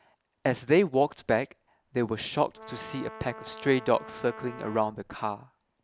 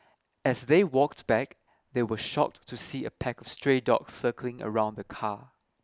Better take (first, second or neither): second